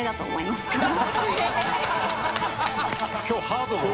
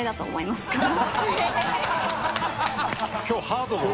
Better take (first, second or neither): second